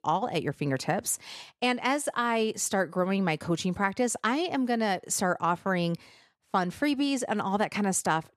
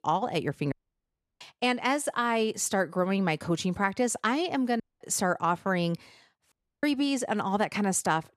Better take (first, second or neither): first